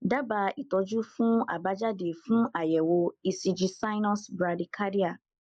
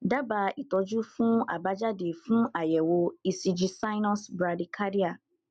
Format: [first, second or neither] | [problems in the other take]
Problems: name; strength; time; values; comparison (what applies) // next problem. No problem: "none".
second | noise reduction (neural mask model Resemble Enhance denoiser)